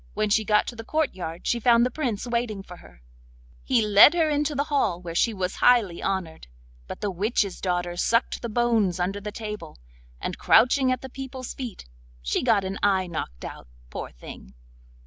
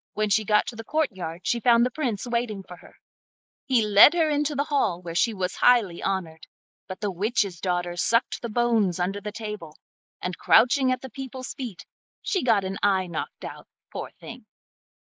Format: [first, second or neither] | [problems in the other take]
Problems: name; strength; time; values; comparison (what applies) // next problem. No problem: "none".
first | noise reduction (neural mask model Resemble Enhance denoiser)